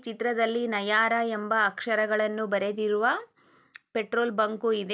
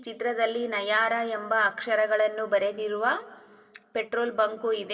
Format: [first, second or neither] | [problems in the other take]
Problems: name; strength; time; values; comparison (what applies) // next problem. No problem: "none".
first | room echo; dies away in 1.7 s